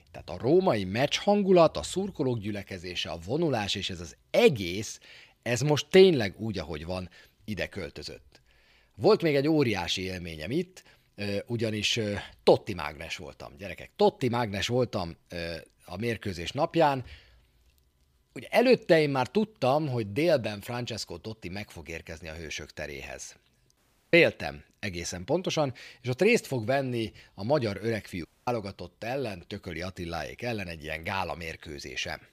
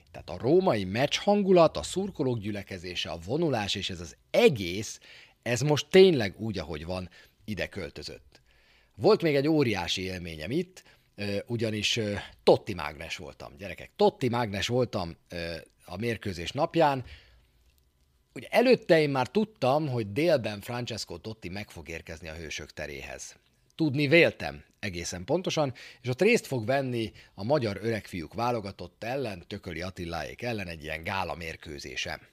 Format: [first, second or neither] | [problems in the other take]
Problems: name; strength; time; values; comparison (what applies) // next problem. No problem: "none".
second | audio cutting out; at 24 s and at 28 s